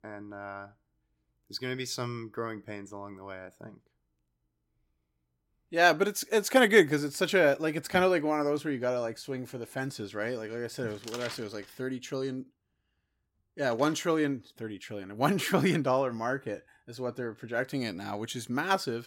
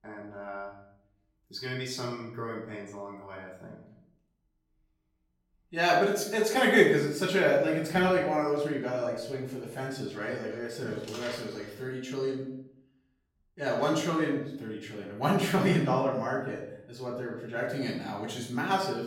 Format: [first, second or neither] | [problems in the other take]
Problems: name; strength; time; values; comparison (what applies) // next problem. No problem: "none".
first | off-mic speech; far // room echo; noticeable; dies away in 0.7 s